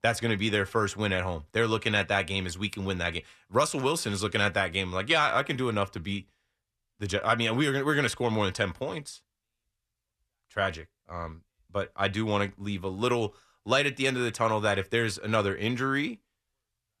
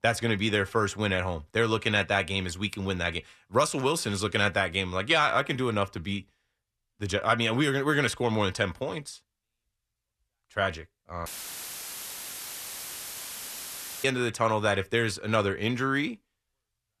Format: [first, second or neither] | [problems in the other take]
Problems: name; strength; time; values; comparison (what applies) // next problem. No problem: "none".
first | audio cutting out; filled with static; at 11 s for 3 s